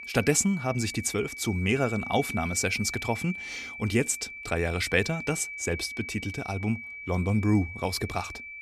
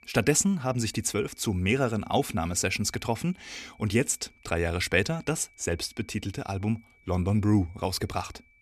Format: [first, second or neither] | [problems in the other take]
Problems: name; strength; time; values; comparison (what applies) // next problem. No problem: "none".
second | high-pitched whine; loud; throughout; 2.5 kHz, 9 dB below the speech; faint in the second